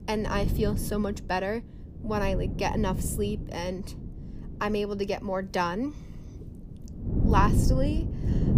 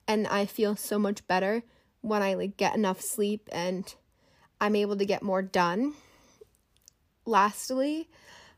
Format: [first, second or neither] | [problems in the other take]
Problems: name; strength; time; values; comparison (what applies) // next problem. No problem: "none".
second | wind noise on the microphone; occasional gusts; 10 dB below the speech